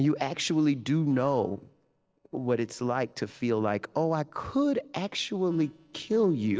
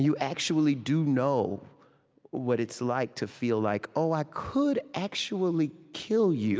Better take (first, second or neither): second